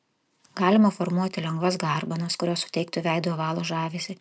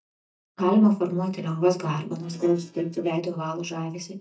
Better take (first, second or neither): first